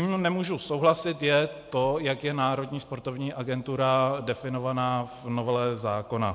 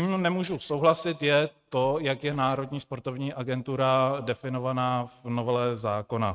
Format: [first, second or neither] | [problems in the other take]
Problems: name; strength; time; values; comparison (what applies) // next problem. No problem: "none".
first | noise reduction (neural mask model RNNoise)